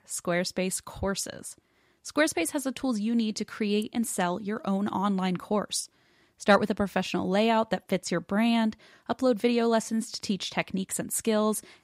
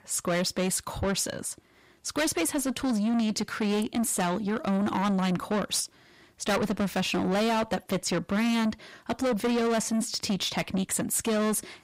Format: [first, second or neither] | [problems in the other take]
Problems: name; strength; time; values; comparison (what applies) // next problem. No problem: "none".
first | distortion; heavy; 6 dB below the speech